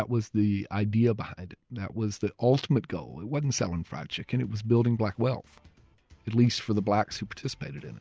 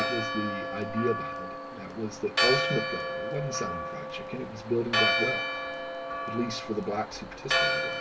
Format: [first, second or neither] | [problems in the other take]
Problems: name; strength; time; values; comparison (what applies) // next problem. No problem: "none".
first | background sound (Church bell); 3 dB above the speech // room echo; dies away in 0.2 s